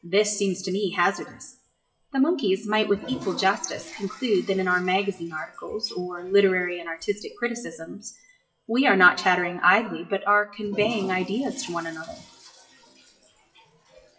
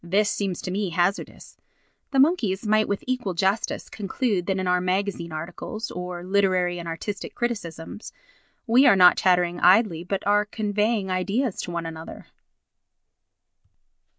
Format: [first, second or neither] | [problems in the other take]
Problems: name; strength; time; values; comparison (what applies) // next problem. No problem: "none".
second | noise reduction (classical method WPE with log-MMSE)